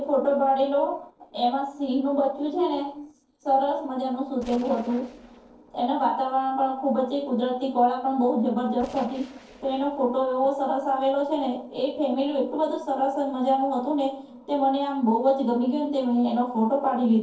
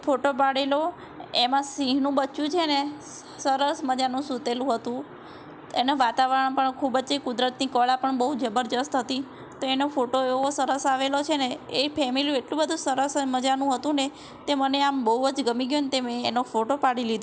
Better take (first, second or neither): second